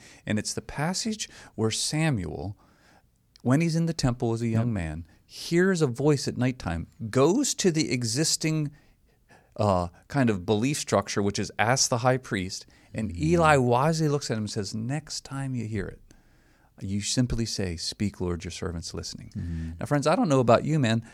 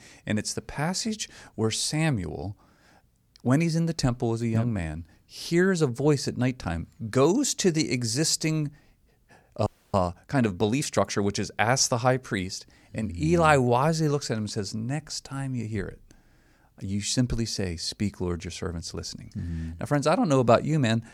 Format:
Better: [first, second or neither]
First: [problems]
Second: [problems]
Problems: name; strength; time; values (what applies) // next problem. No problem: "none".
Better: first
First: none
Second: audio freezing; at 9.5 s